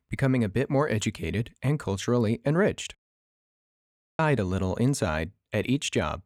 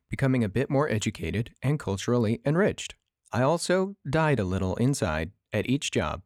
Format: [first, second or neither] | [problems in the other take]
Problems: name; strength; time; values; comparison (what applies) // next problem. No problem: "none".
second | audio cutting out; at 3 s for 1 s